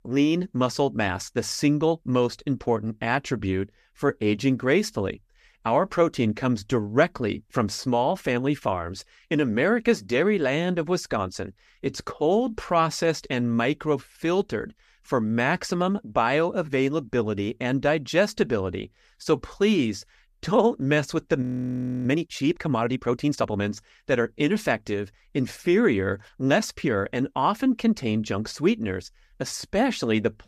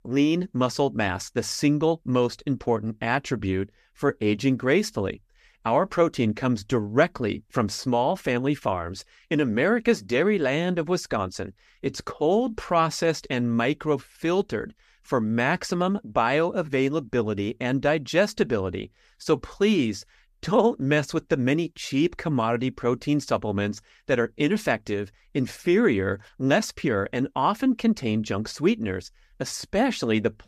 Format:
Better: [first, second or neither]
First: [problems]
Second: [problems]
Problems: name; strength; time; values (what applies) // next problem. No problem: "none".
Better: second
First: audio freezing; at 21 s for 0.5 s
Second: none